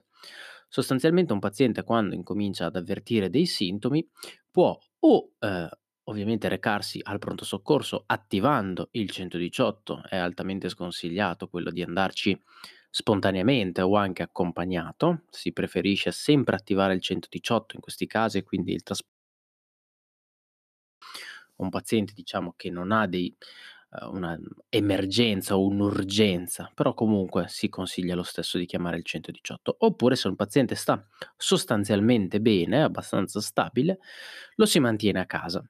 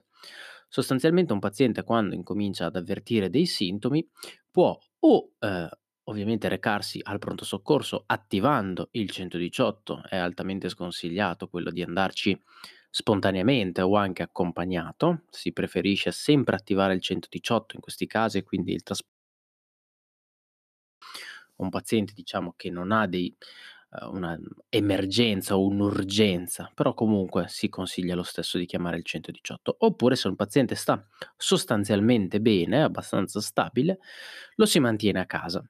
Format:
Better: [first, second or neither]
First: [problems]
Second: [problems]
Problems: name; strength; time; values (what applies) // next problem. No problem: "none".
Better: neither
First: audio cutting out; at 19 s for 2 s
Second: audio cutting out; at 19 s for 2 s